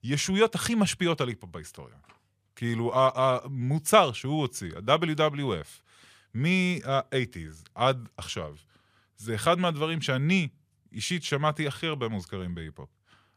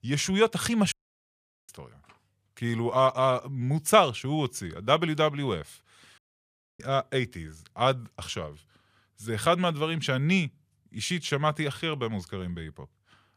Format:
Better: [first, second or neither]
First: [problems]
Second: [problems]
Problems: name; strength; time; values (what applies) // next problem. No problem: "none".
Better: first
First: none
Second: audio cutting out; at 1 s for 1 s and at 6 s for 0.5 s